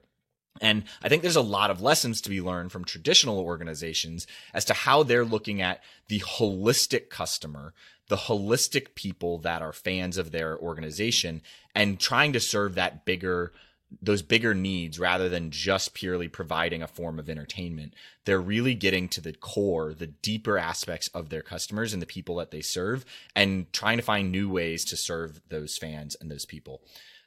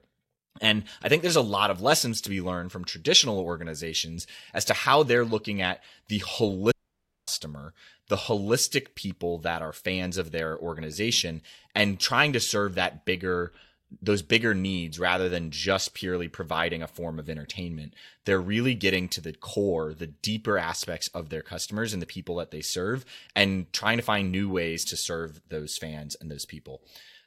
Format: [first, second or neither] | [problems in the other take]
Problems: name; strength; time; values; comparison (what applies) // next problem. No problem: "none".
first | audio cutting out; at 6.5 s for 0.5 s